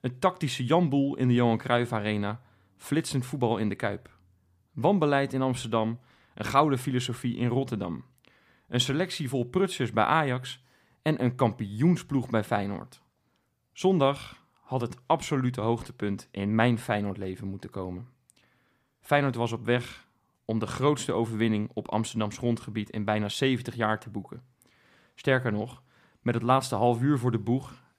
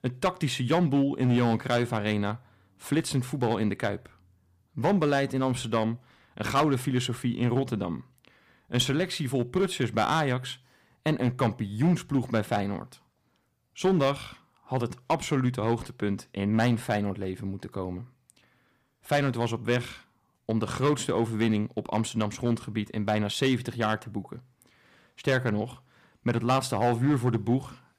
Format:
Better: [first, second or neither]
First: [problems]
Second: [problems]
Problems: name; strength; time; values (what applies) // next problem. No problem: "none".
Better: first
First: none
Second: distortion; slight; 4% of the sound clipped